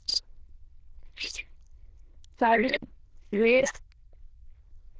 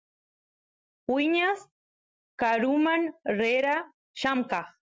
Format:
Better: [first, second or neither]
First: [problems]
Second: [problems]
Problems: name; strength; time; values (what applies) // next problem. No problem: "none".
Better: second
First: noise reduction (neural diffusion model UNIVERSE++)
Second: none